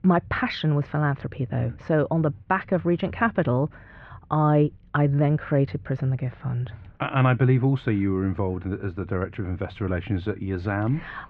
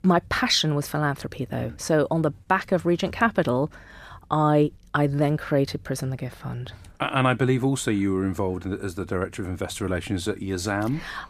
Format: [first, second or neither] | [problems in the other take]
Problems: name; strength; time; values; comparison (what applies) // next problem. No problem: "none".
second | muffled; very; fading above 3 kHz